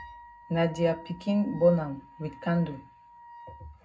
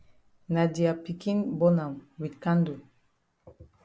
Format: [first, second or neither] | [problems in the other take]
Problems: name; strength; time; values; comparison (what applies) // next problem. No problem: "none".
second | background sound (Wind instrument, woodwind instrument); 19 dB below the speech // room echo; dies away in 0.3 s